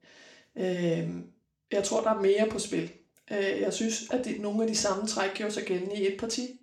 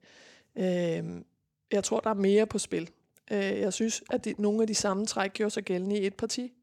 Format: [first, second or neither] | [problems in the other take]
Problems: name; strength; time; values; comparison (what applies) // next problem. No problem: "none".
second | room echo; slight; dies away in 0.4 s // off-mic speech; somewhat distant